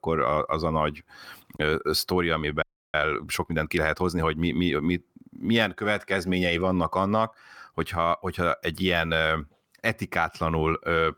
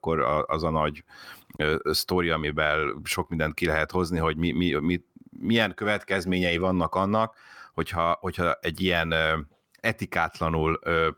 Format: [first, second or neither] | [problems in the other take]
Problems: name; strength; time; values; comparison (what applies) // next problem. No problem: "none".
second | audio freezing; at 2.5 s